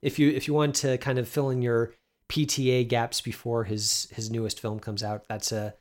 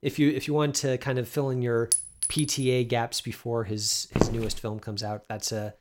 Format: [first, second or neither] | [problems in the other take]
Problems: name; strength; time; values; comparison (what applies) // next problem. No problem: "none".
first | clattering dishes; loud; at 2 s; peak 4 dB above the speech // footsteps; loud; at 4 s; peak 1 dB above the speech